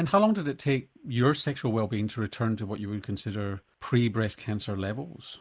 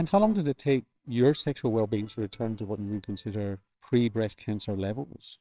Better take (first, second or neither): first